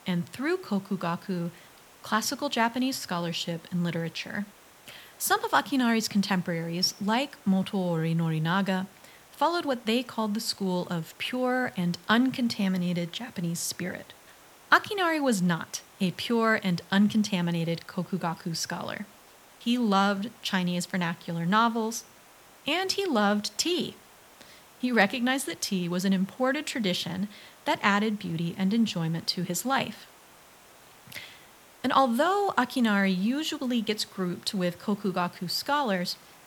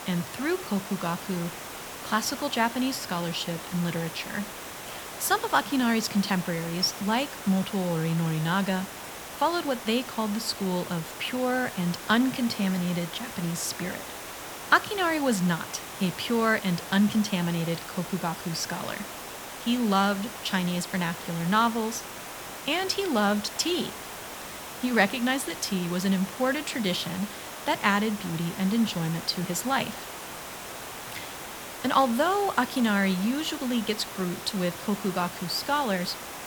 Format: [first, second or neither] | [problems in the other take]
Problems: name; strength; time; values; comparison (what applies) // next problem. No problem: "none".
first | hiss; loud; throughout; 10 dB below the speech; faint in the first